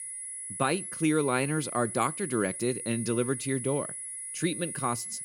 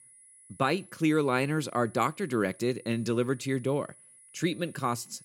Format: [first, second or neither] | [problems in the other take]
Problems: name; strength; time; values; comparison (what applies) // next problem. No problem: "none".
second | high-pitched whine; loud; throughout; 10.5 kHz, 6 dB below the speech; faint in the second